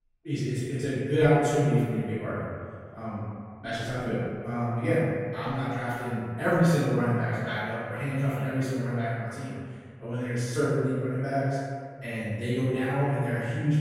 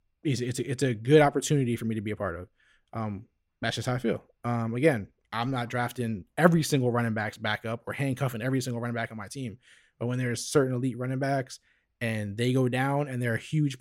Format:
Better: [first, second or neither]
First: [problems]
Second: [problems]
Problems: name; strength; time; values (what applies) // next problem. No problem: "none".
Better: second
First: off-mic speech; far // room echo; strong; dies away in 2 s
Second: none